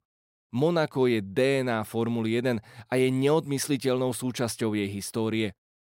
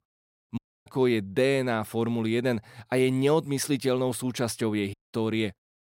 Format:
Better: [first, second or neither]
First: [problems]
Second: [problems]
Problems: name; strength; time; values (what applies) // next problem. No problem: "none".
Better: first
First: none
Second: audio cutting out; at 0.5 s and at 5 s